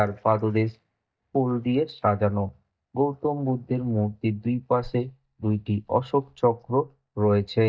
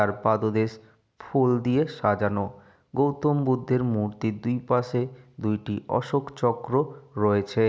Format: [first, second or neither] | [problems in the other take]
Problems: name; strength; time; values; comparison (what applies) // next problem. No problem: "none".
second | noise reduction (neural mask model DeepFilterNet 3)